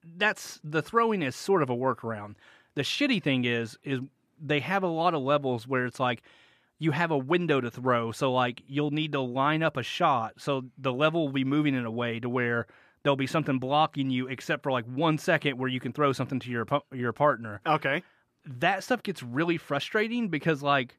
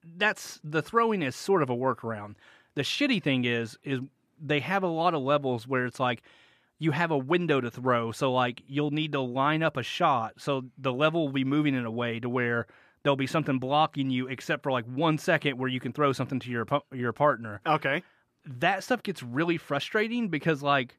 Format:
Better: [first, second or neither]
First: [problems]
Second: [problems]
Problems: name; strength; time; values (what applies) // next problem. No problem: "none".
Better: neither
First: none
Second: none